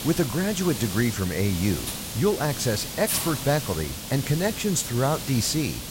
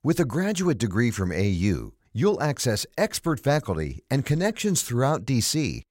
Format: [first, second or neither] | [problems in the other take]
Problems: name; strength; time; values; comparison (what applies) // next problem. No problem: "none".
second | hiss; loud; throughout; 6 dB below the speech